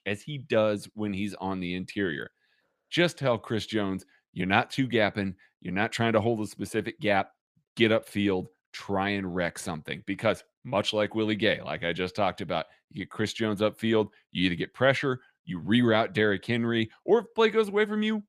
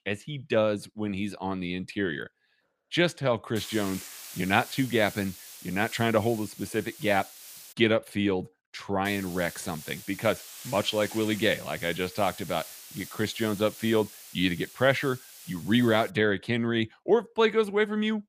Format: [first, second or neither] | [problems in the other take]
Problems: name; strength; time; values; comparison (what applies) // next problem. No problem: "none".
first | hiss; noticeable; from 3.5 to 7.5 s and from 9 to 16 s; 15 dB below the speech